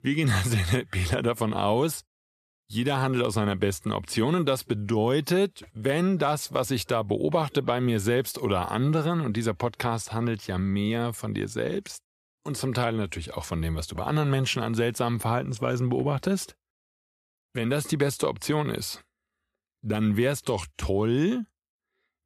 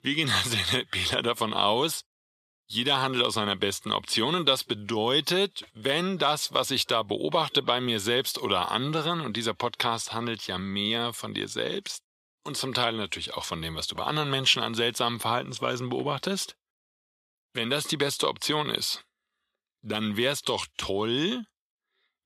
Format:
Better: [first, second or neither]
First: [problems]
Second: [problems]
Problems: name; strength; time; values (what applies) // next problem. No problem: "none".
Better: first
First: none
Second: thin; very slightly; fading below 300 Hz